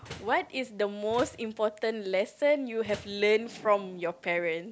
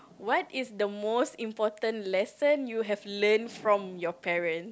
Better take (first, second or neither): second